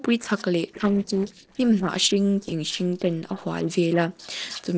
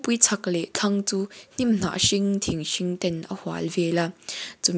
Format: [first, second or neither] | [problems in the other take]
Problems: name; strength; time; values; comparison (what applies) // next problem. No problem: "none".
second | noise reduction (neural separator model SepFormer DNS4)